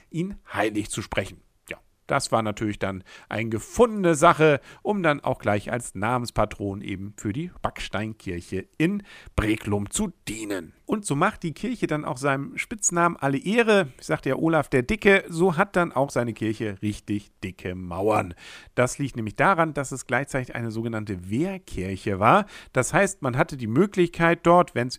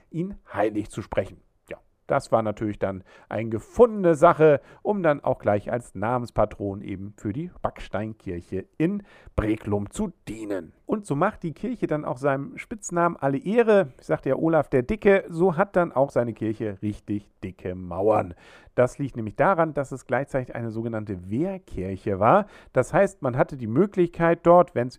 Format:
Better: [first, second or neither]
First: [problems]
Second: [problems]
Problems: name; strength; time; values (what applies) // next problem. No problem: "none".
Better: first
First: none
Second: muffled; slightly; fading above 2 kHz